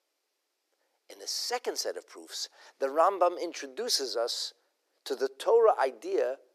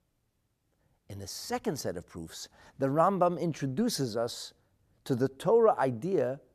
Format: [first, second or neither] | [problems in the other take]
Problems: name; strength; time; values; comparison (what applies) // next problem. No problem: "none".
second | thin; very; fading below 350 Hz